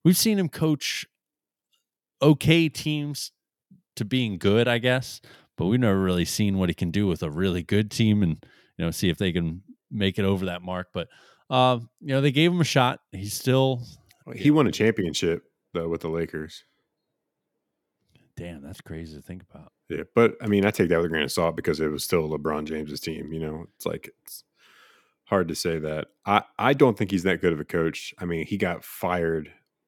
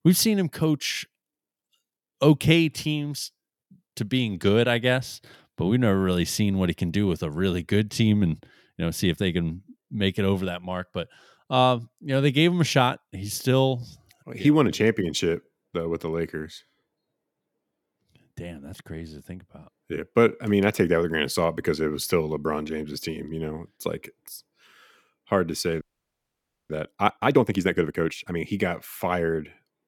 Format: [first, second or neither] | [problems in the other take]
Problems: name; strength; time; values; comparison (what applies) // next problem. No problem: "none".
first | audio freezing; at 26 s for 1 s